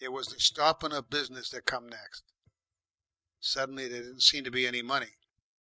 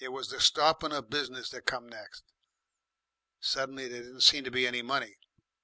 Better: second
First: noise reduction (neural mask model DeepFilterNet 3)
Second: none

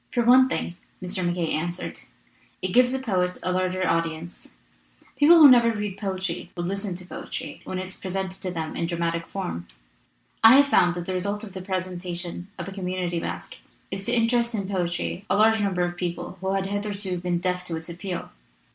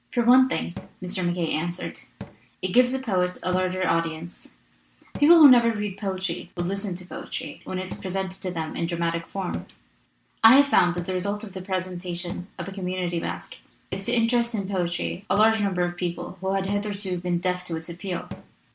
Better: first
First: none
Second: background sound (Cupboard open or close / Drawer open or close); 19 dB below the speech

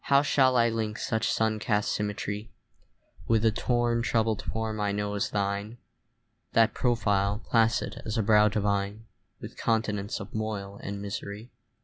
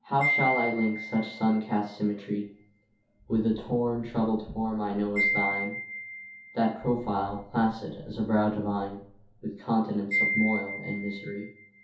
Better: first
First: none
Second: background sound (Wind chime); 6 dB below the speech // room echo; dies away in 0.5 s

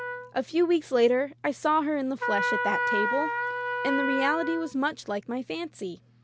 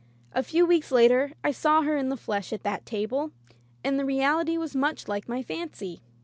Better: second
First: background sound (Trumpet); 4 dB below the speech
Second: none

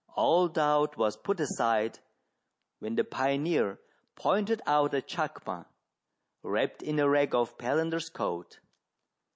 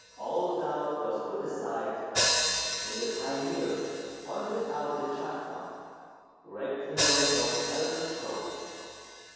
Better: first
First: none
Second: background sound (Hi-hat); 1 dB below the speech // room echo; dies away in 2.2 s

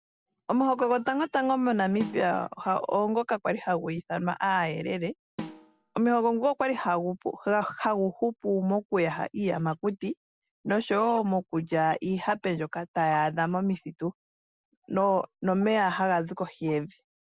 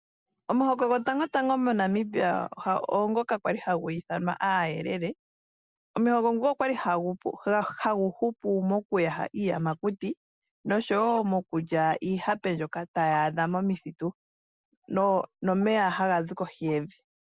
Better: second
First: background sound (Snare drum); 15 dB below the speech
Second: none

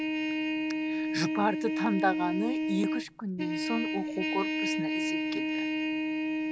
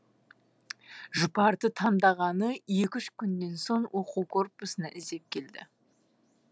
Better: second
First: background sound (Trumpet); 4 dB above the speech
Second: none

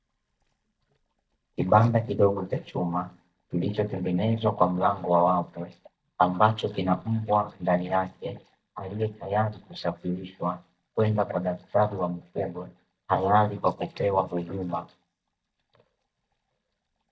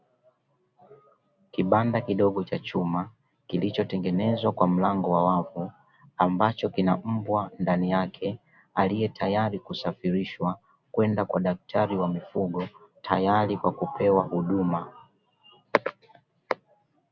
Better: second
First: noise reduction (neural mask model DeepFilterNet 3)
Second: none

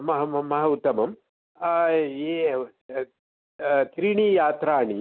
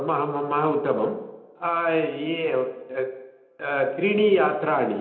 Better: first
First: none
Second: room echo; dies away in 0.9 s

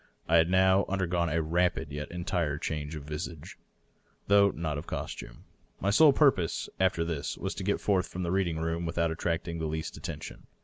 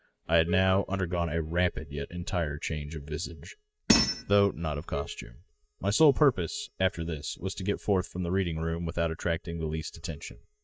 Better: first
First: none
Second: noise reduction (neural mask model DeepFilterNet 3)

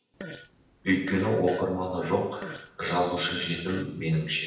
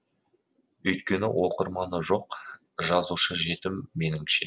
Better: second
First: background sound (Fart); 17 dB below the speech // room echo; dies away in 0.9 s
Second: none

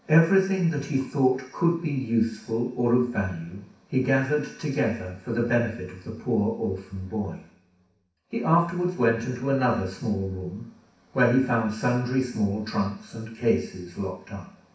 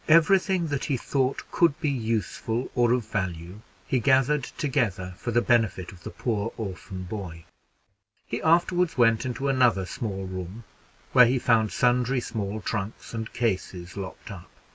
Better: second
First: room echo; dies away in 0.6 s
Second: none

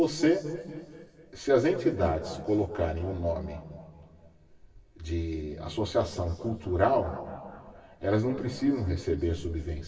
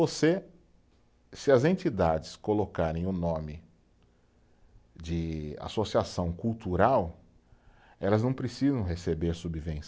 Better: second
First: room echo; dies away in 2.4 s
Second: none

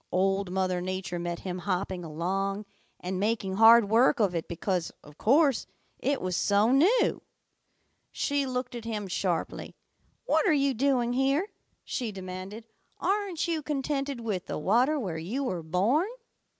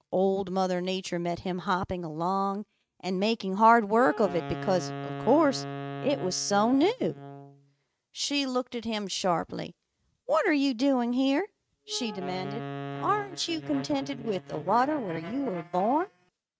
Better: first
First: none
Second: noise reduction (neural mask model RNNoise)

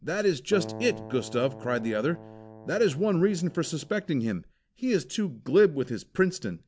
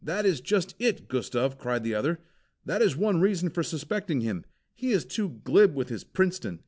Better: second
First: background sound (Keyboard (musical)); 15 dB below the speech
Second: none

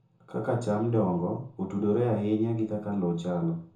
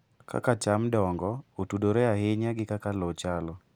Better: second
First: room echo; dies away in 0.6 s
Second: none

